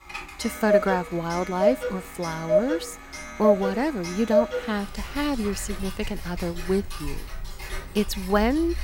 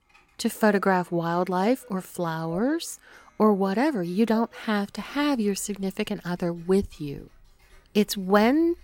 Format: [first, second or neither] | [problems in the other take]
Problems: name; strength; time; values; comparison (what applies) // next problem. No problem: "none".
second | household noises; loud; throughout; 2 dB below the speech; faint in the second